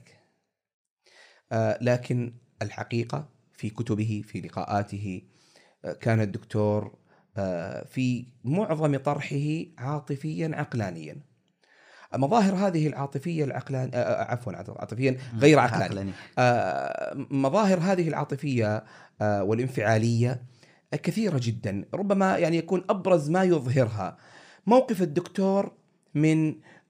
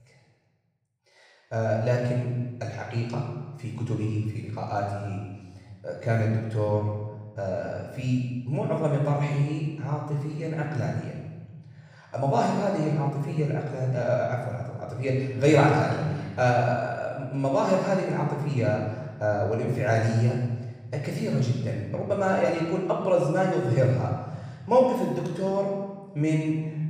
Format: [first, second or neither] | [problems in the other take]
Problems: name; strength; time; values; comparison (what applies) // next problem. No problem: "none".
first | off-mic speech; far // room echo; noticeable; dies away in 1.2 s